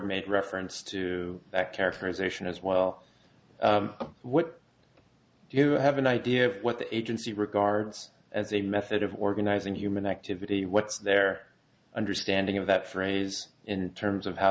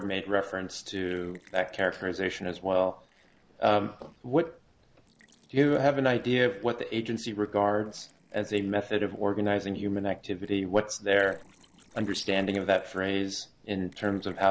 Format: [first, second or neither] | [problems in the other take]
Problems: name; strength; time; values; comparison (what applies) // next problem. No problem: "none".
first | noise reduction (neural separator model SepFormer DNS4)